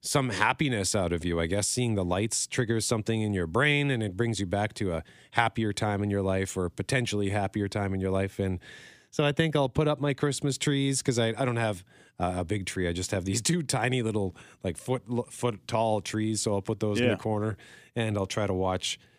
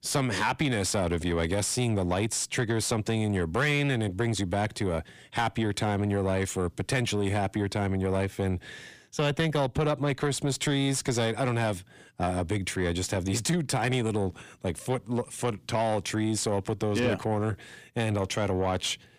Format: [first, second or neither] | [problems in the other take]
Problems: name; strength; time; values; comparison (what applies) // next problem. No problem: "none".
first | distortion; slight; 10 dB below the speech